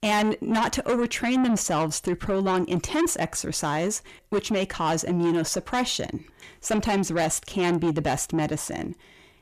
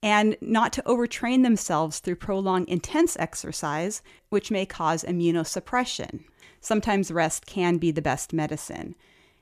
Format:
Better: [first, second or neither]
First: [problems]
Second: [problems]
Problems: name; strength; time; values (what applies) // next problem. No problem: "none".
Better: second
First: distortion; heavy; 8 dB below the speech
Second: none